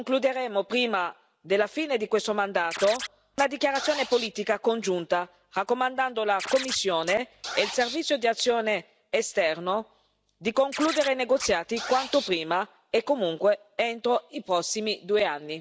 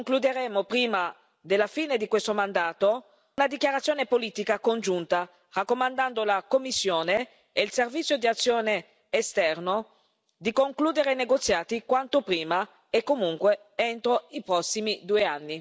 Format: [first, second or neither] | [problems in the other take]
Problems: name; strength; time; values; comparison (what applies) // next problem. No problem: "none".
second | background sound (Scratching (performance technique)); 12 dB below the speech